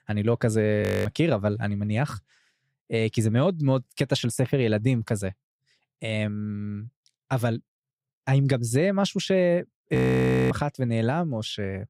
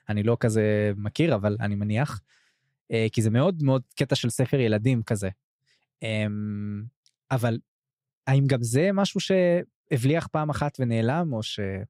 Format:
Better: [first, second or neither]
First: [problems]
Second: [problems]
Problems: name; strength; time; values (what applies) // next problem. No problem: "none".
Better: second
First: audio freezing; at 1 s and at 10 s for 0.5 s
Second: none